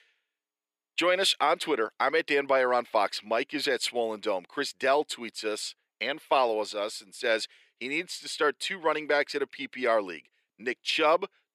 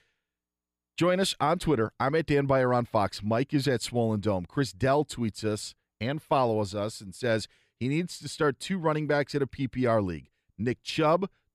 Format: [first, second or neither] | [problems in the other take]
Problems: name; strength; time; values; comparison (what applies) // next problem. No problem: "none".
second | thin; somewhat; fading below 400 Hz